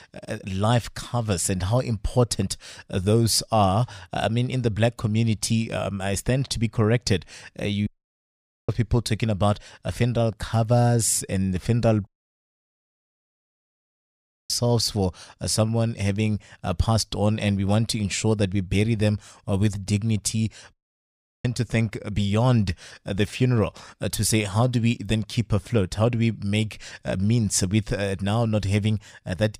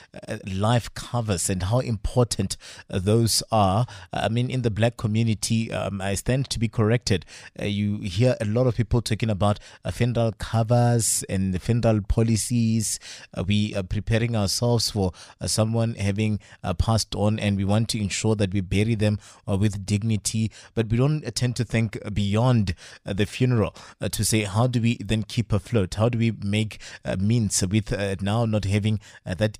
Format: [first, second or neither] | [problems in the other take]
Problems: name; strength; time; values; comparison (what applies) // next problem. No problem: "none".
second | audio cutting out; at 8 s for 1 s, at 12 s for 2.5 s and at 21 s for 0.5 s